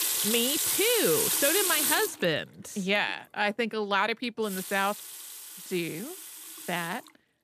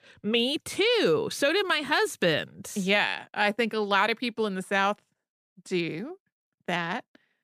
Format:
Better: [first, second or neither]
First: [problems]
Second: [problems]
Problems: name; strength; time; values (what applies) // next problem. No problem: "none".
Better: second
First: household noises; very loud; throughout; 2 dB above the speech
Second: none